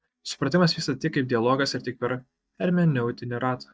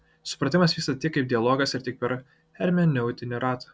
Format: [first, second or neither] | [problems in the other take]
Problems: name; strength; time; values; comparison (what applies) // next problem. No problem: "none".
second | noise reduction (neural mask model DeepFilterNet 3)